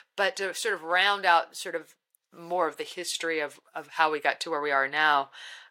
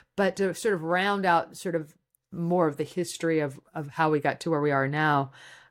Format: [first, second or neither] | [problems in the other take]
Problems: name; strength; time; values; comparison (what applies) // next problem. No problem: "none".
second | thin; very; fading below 650 Hz